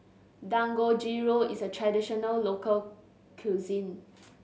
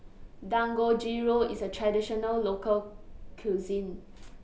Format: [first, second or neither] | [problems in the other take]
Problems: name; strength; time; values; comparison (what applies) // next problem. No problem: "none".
first | background sound (Mechanical fan); 16 dB below the speech